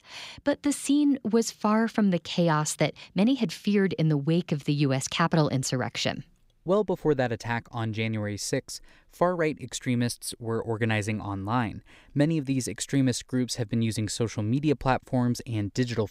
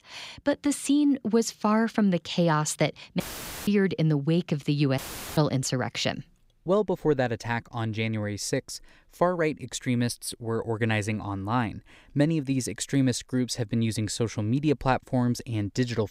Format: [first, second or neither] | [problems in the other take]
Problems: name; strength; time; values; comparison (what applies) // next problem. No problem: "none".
first | audio cutting out; filled with static; at 3 s and at 5 s